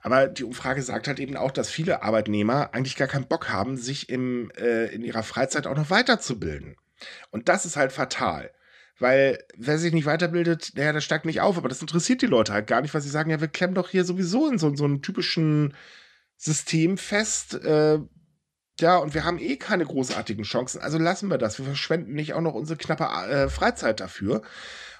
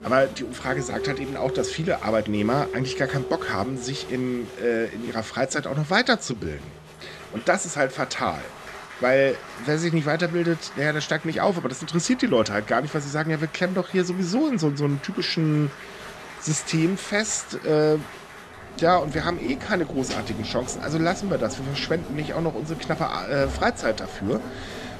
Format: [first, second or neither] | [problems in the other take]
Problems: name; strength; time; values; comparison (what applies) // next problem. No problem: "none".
first | crowd noise; noticeable; throughout; 15 dB below the speech